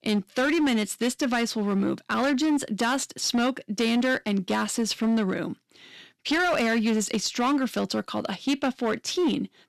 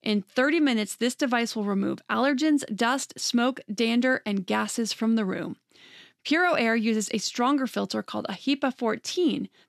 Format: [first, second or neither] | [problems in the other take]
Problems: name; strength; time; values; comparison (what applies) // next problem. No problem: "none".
second | distortion; slight; 13% of the sound clipped